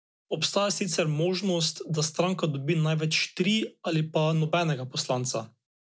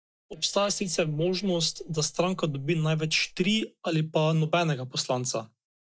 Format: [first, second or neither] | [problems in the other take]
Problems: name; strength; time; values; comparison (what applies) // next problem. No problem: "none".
first | noise reduction (neural mask model DeepFilterNet 3)